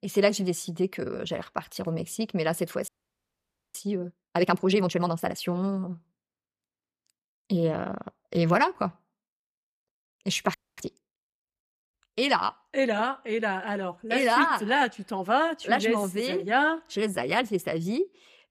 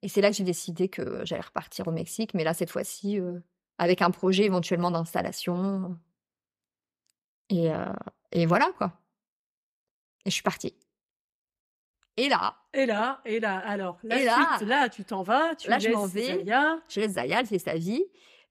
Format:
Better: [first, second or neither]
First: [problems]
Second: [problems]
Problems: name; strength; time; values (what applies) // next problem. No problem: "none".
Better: second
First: audio freezing; at 3 s for 1 s and at 11 s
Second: none